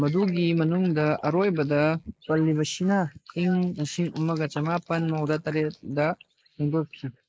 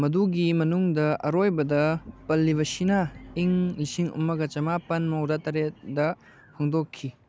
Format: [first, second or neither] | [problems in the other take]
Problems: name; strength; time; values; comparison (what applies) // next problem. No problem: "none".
second | noise reduction (neural mask model Resemble Enhance denoiser)